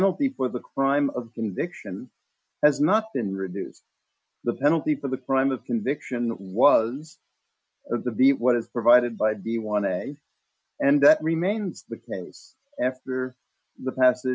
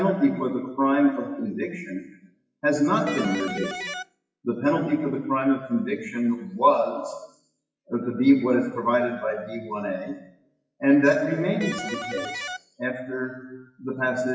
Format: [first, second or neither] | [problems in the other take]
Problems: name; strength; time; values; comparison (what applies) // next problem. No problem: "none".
first | noise reduction (classical method WPE with log-MMSE)